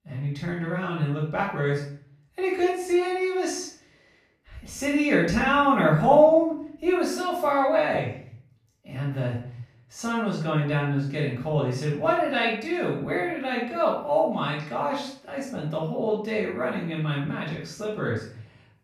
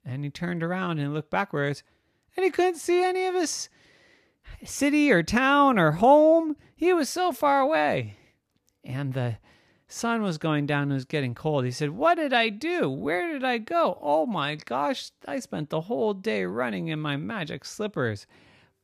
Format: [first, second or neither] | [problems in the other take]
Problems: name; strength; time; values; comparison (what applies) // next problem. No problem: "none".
second | off-mic speech; far // room echo; noticeable; dies away in 0.5 s